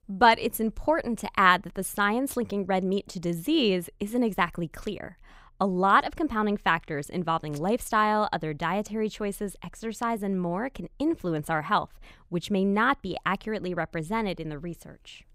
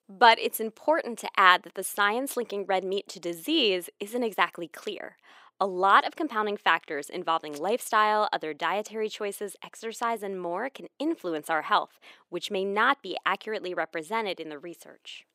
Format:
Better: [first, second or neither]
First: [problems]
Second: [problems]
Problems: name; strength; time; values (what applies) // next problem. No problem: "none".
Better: first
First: none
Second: thin; somewhat; fading below 350 Hz